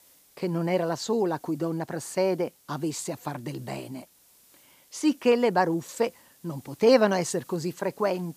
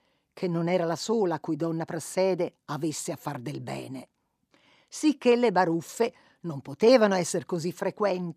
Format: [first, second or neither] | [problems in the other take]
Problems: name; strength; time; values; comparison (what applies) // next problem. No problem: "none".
second | hiss; faint; throughout; 30 dB below the speech